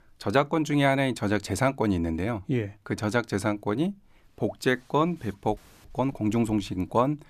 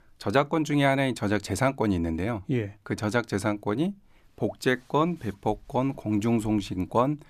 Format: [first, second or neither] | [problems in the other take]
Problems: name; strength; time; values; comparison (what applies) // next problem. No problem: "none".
second | audio freezing; at 5.5 s